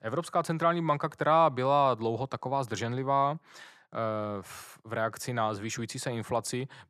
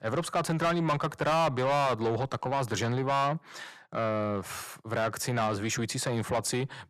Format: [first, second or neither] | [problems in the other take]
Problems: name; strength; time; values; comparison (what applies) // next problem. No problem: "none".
first | distortion; heavy; 7 dB below the speech